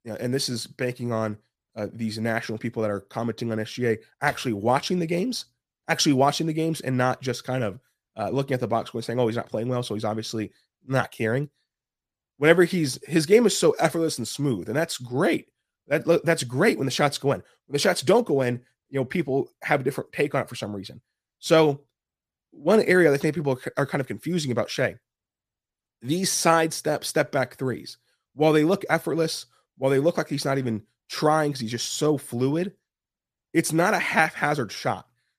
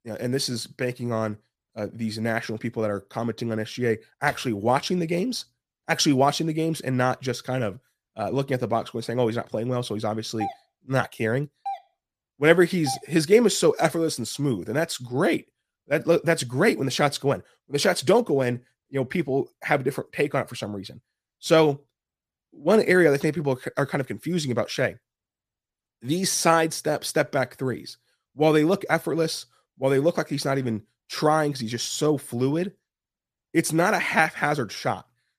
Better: first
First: none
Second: doorbell; noticeable; from 10 to 13 s; peak 10 dB below the speech

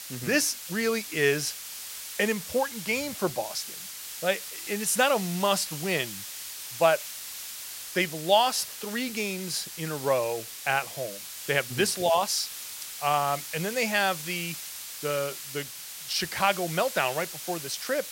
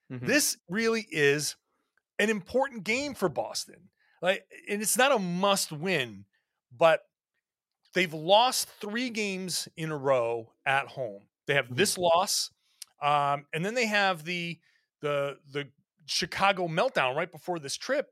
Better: second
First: hiss; loud; throughout; 9 dB below the speech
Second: none

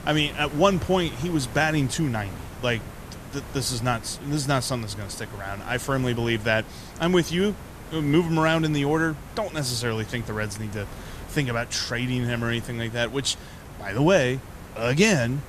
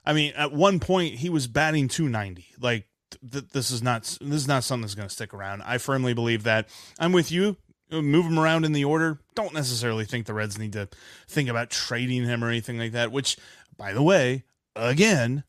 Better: second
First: hiss; noticeable; throughout; 15 dB below the speech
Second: none

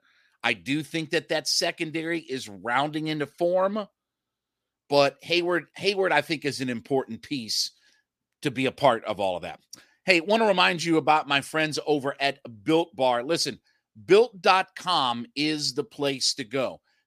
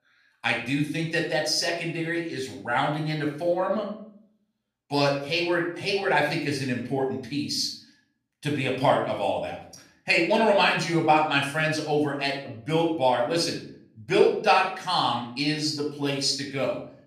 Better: first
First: none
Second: off-mic speech; far // room echo; noticeable; dies away in 0.5 s

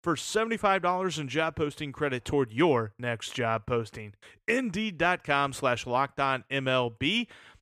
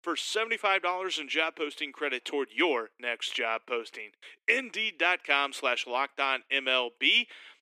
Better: first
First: none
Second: thin; somewhat; fading below 300 Hz

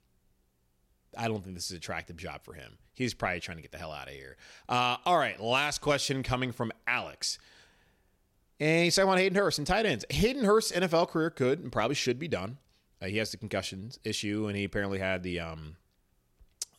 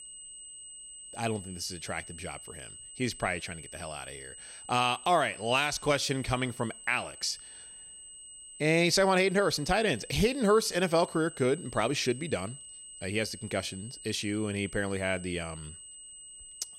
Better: first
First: none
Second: high-pitched whine; noticeable; throughout; 8 kHz, 15 dB below the speech

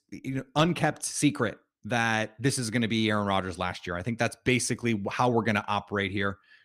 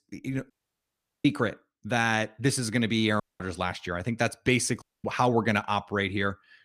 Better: first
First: none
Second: audio cutting out; at 0.5 s for 0.5 s, at 3 s and at 5 s

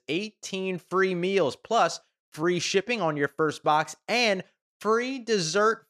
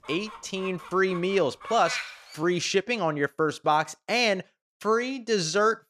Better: first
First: none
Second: animal sounds; noticeable; until 2.5 s; 10 dB below the speech

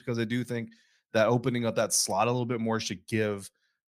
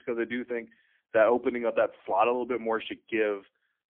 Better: first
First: none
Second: phone-call audio; poor line; nothing above 3.5 kHz

